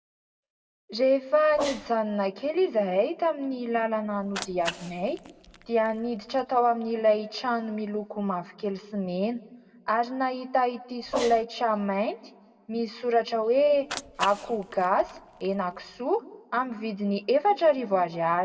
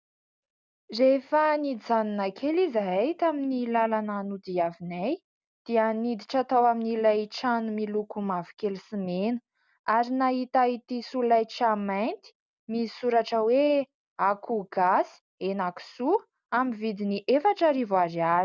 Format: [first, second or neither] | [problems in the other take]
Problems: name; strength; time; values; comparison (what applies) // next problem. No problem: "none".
second | background sound (Cat); 16 dB below the speech // room echo; dies away in 0.9 s